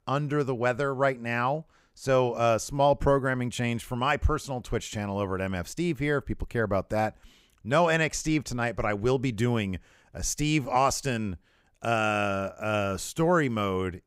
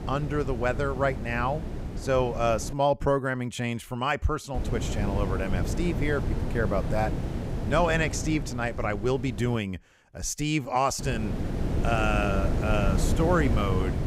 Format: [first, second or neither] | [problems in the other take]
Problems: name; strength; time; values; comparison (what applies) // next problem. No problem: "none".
first | wind noise on the microphone; heavy; until 2.5 s, from 4.5 to 9.5 s and from 11 s on; 10 dB below the speech